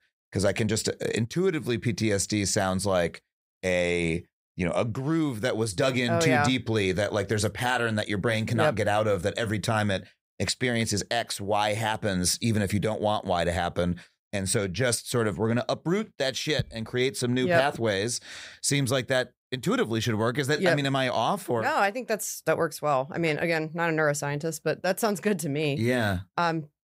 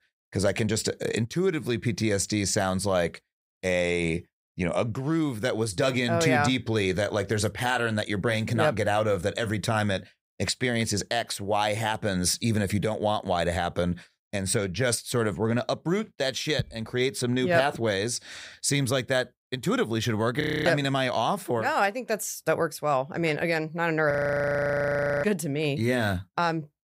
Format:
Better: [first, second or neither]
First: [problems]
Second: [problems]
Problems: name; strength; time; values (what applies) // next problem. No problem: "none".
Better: first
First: none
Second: audio freezing; at 20 s and at 24 s for 1 s